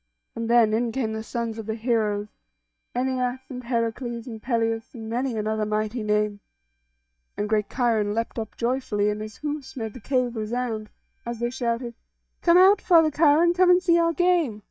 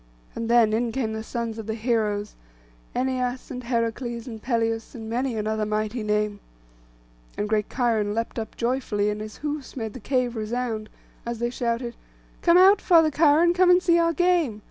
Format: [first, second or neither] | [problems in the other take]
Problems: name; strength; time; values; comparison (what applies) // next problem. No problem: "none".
second | noise reduction (neural mask model DeepFilterNet 3)